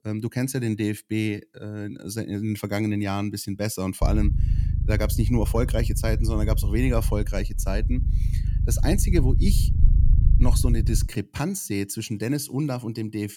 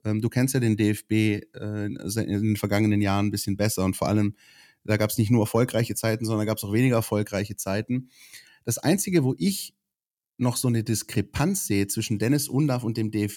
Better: second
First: low rumble; noticeable; from 4 to 11 s; 10 dB below the speech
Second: none

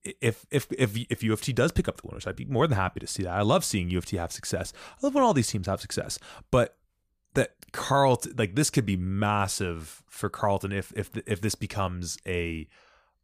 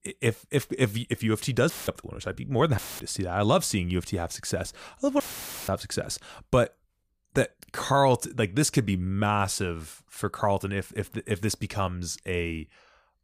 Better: first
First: none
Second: audio cutting out; filled with static; at 1.5 s, at 3 s and at 5 s

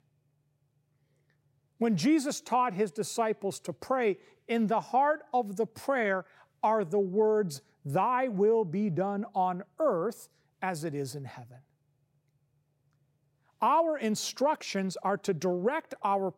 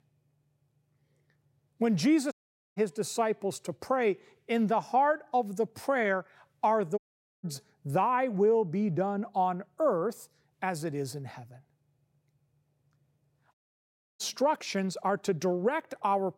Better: first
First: none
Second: audio cutting out; at 2.5 s, at 7 s and at 14 s for 0.5 s

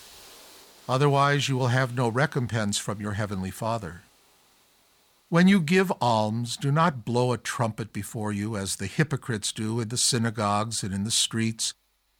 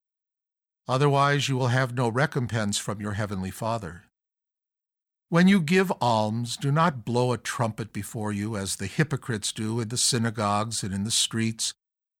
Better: second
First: hiss; faint; throughout; 30 dB below the speech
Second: none

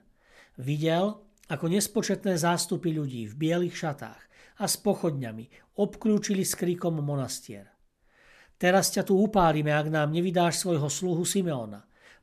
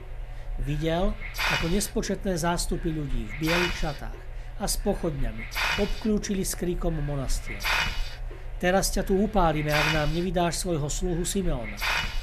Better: first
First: none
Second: hiss; loud; throughout; 4 dB below the speech

